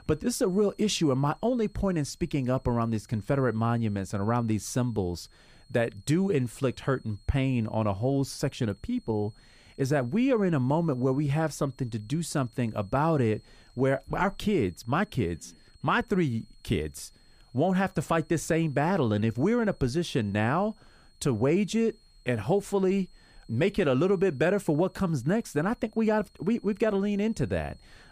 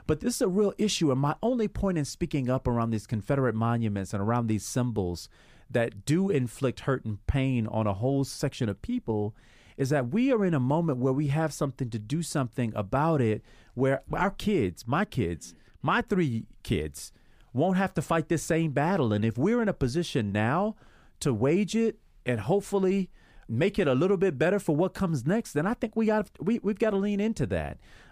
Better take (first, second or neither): second